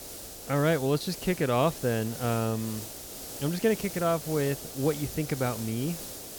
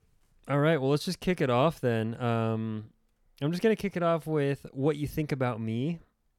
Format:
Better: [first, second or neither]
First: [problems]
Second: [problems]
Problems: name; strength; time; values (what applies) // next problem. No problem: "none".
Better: second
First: hiss; loud; throughout; 10 dB below the speech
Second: none